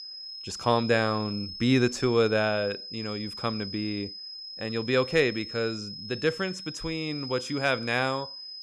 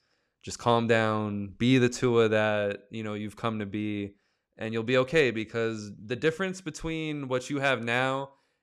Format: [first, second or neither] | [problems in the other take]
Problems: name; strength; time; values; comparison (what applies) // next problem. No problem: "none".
second | high-pitched whine; loud; throughout; 5 kHz, 9 dB below the speech